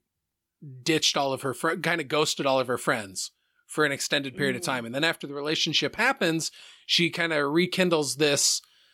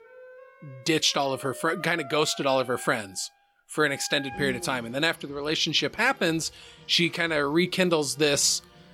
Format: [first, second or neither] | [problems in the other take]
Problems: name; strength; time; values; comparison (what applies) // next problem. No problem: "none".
first | background music; faint; throughout; 20 dB below the speech